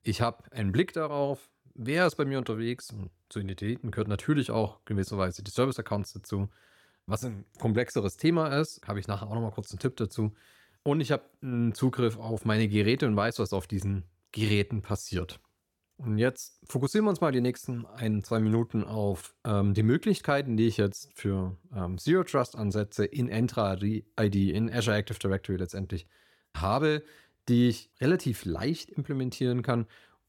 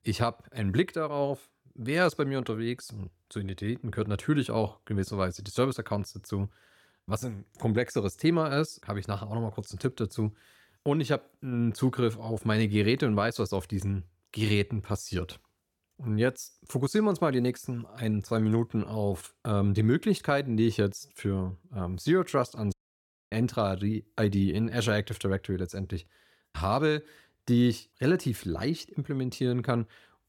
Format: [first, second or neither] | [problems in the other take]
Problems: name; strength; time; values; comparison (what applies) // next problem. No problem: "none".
first | audio cutting out; at 23 s for 0.5 s